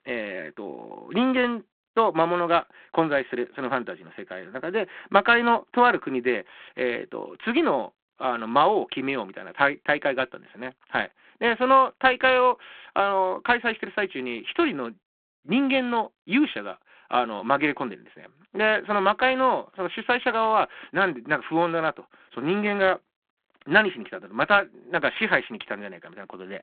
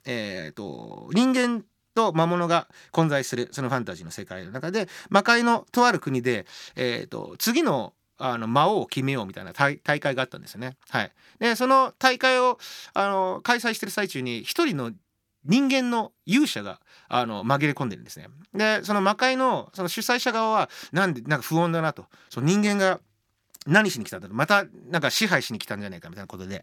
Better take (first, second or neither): second